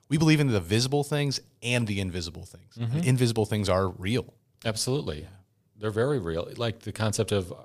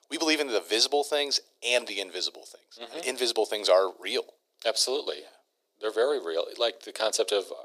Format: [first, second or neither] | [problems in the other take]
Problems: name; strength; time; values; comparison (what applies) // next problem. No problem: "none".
first | thin; very; fading below 350 Hz